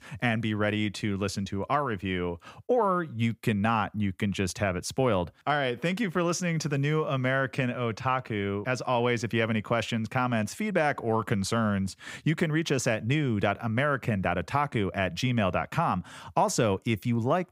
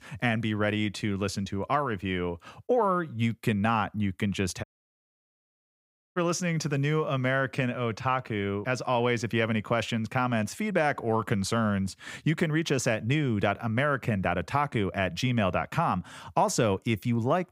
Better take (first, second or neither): first